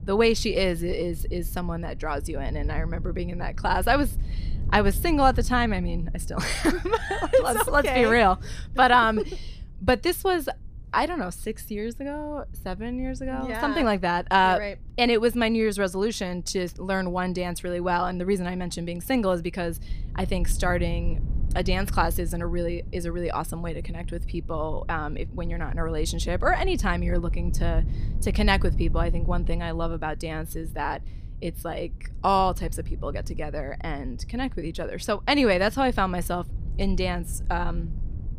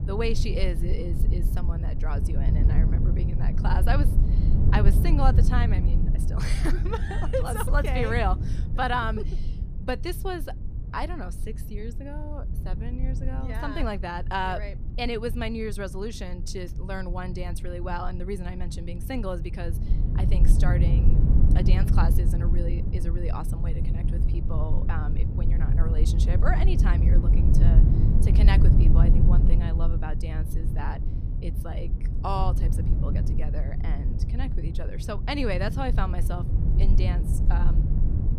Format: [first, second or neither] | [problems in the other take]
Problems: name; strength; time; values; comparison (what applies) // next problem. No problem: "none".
first | low rumble; loud; throughout; 7 dB below the speech; faint in the first